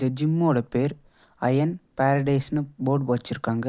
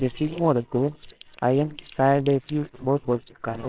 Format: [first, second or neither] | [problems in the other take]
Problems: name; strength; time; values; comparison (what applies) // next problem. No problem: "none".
first | noise reduction (neural separator model SepFormer WHAMR!)